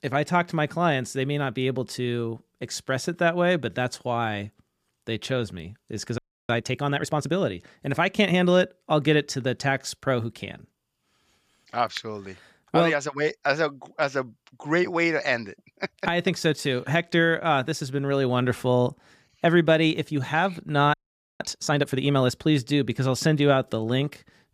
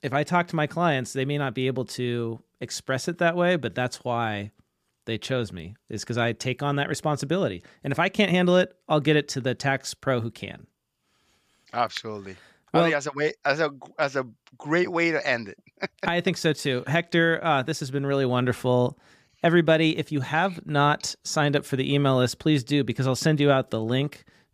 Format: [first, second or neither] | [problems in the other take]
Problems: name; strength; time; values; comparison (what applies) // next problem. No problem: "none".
second | audio freezing; at 6 s and at 21 s